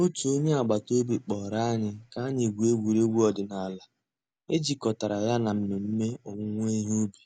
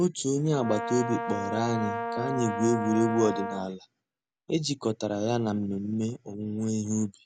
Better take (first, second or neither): first